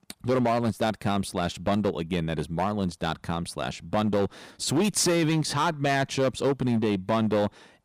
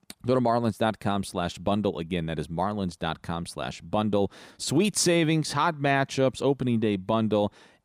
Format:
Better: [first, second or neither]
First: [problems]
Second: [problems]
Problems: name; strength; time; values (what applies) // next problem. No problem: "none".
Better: second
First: distortion; slight; 9% of the sound clipped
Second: none